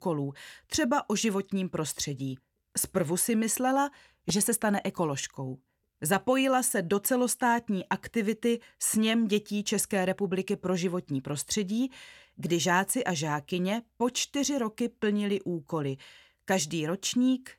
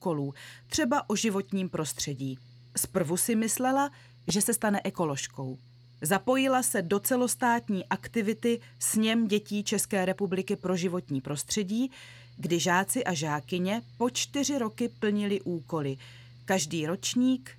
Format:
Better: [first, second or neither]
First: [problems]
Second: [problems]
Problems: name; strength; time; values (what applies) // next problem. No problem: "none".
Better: first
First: none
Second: machinery noise; faint; throughout; 25 dB below the speech